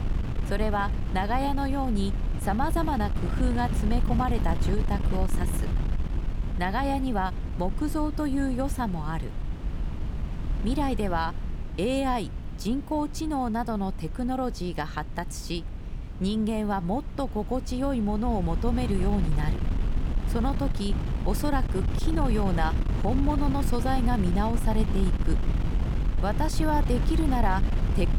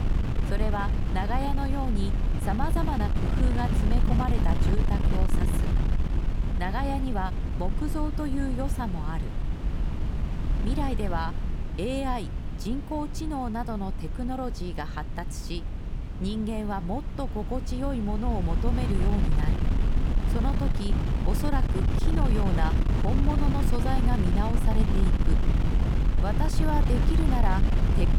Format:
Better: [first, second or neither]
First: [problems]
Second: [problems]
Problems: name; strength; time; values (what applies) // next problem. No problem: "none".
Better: first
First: wind noise on the microphone; occasional gusts; 10 dB below the speech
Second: wind noise on the microphone; heavy; 4 dB below the speech